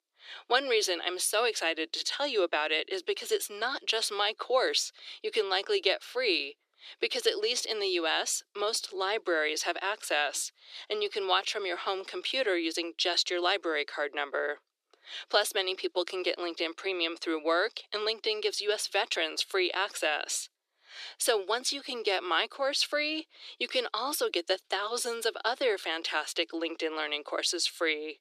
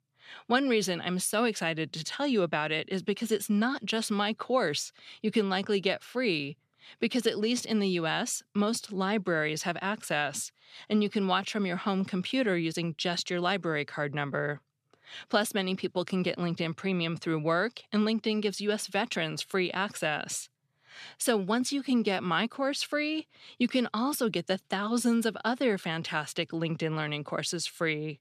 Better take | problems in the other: second | thin; very; fading below 350 Hz

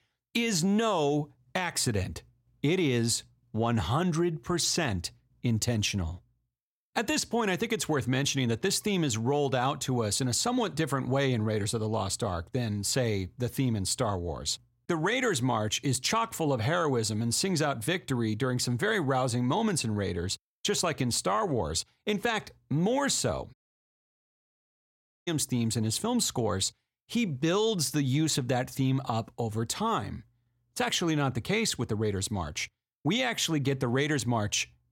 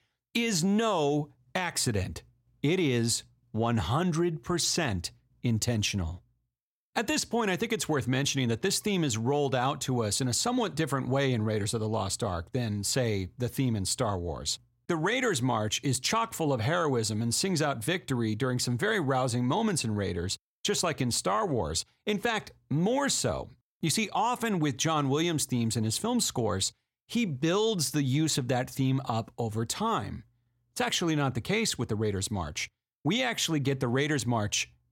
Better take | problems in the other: second | audio cutting out; at 24 s for 1.5 s

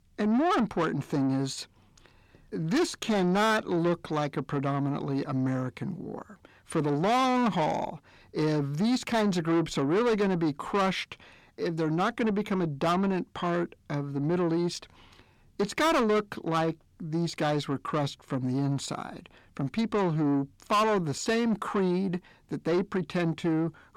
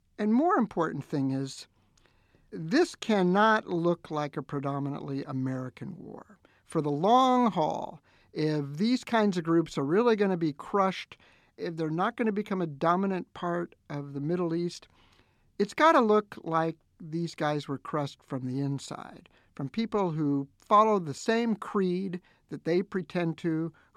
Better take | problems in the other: second | distortion; heavy; 8 dB below the speech

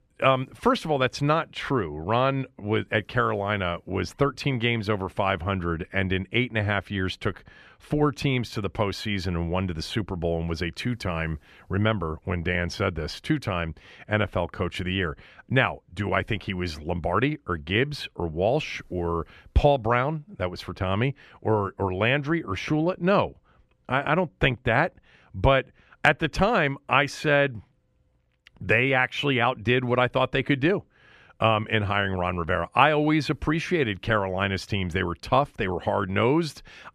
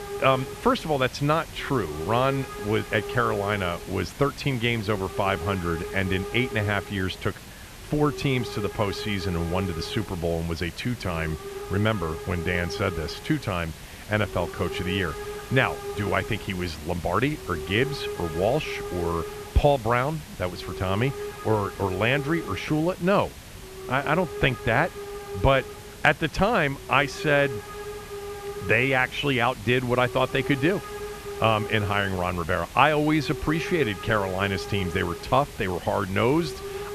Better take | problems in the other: first | hiss; noticeable; throughout; 10 dB below the speech

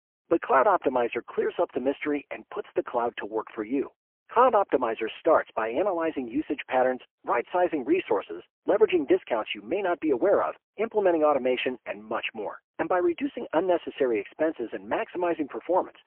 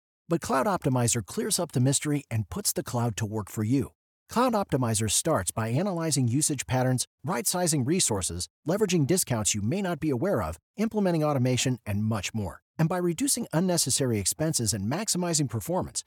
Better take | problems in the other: second | phone-call audio; poor line; nothing above 3 kHz

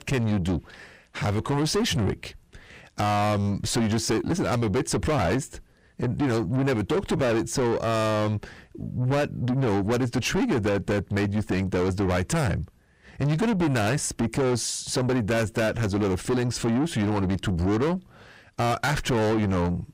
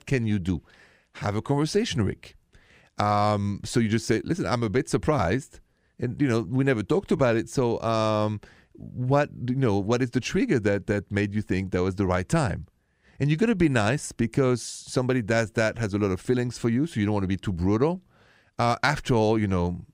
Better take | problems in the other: second | distortion; heavy; 6 dB below the speech

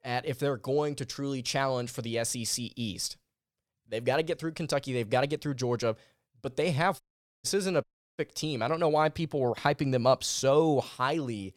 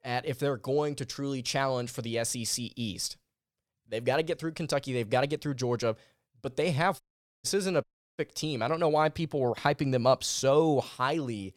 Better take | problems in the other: neither | audio cutting out; at 7 s and at 8 s; the same in both

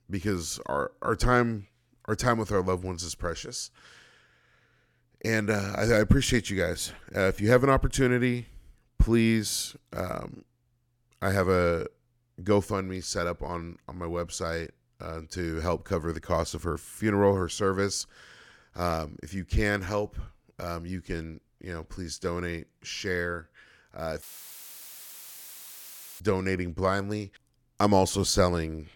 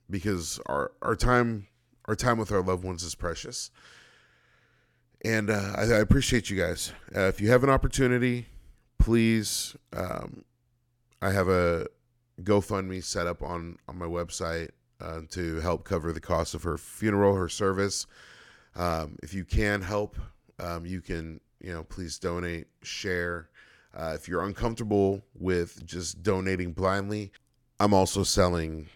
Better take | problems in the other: second | audio cutting out; filled with static; at 24 s for 2 s

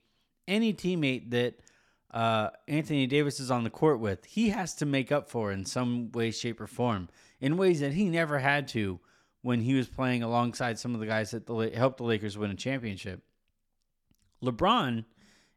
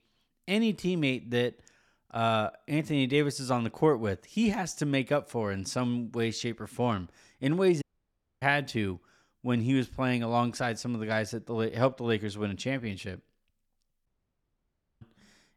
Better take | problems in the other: first | audio cutting out; at 8 s for 0.5 s and at 14 s for 1 s

